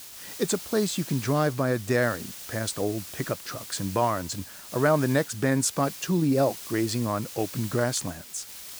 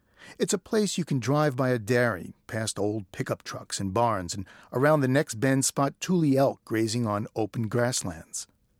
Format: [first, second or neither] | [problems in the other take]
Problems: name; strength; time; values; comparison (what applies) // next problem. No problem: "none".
second | hiss; noticeable; throughout; 10 dB below the speech